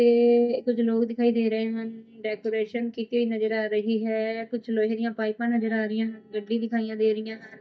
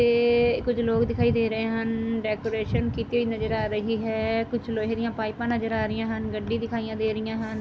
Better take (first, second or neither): second